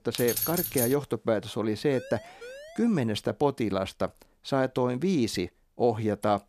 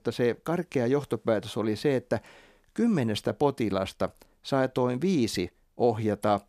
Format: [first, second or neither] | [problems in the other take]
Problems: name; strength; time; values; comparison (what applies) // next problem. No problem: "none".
second | jangling keys; loud; at the start; peak level with the speech // siren; faint; at 2 s; peak 15 dB below the speech